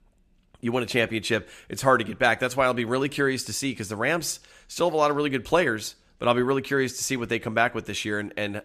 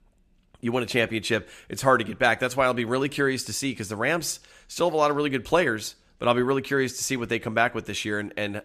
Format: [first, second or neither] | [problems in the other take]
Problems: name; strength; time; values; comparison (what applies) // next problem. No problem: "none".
neither | none